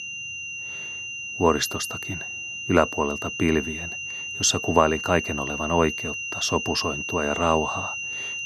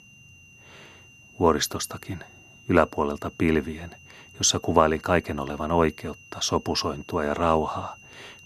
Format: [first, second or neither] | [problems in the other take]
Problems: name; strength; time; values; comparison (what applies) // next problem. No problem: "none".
second | high-pitched whine; loud; throughout; 3 kHz, 6 dB below the speech; faint in the second